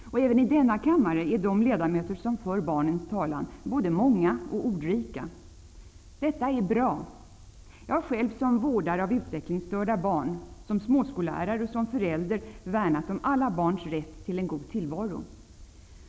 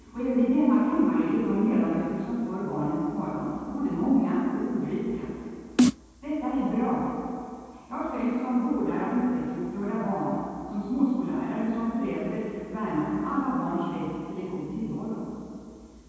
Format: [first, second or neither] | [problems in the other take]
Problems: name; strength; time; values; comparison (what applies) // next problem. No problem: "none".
first | background sound (Snare drum); 3 dB above the speech // room echo; dies away in 2.1 s